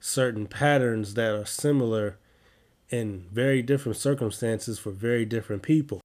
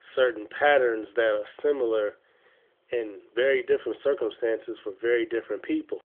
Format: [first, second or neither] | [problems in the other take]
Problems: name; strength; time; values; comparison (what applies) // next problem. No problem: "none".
first | phone-call audio; nothing above 3.5 kHz